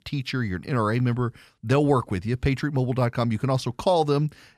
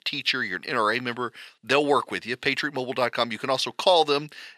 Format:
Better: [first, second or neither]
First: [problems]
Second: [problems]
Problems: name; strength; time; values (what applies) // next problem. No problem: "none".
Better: first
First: none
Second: thin; somewhat; fading below 450 Hz